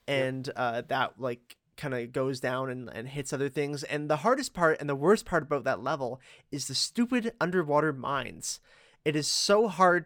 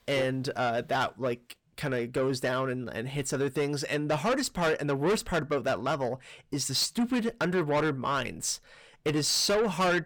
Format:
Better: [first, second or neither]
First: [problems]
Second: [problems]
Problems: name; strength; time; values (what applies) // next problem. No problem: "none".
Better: first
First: none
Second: distortion; heavy; 7 dB below the speech